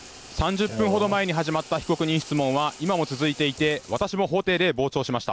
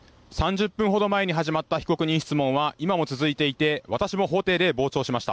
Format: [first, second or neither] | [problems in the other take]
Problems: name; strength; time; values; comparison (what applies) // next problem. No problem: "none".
second | background sound (Bathtub (filling or washing) / Water tap, faucet); 15 dB below the speech